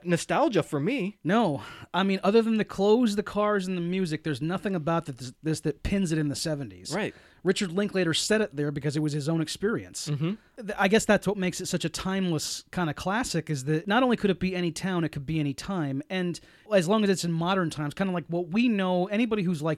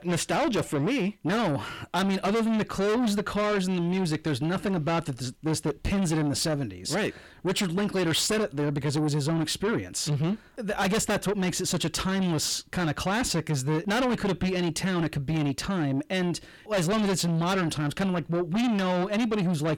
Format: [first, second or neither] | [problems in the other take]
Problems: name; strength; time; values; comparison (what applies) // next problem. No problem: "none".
first | distortion; heavy; 6 dB below the speech